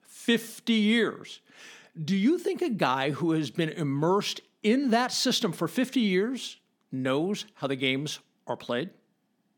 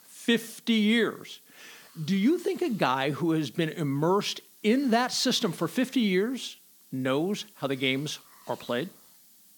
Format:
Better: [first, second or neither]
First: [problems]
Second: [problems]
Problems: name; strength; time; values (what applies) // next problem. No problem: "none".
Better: first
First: none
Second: hiss; faint; throughout; 25 dB below the speech